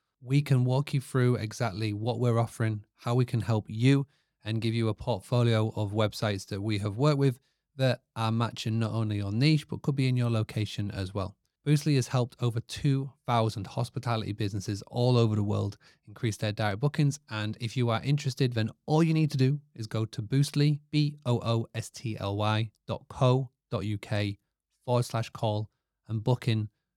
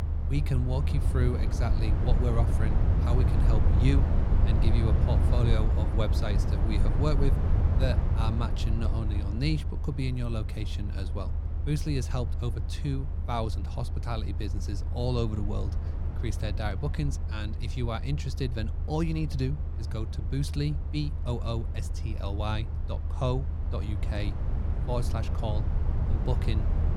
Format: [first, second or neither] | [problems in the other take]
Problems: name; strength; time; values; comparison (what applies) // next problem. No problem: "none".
first | low rumble; loud; throughout; 5 dB below the speech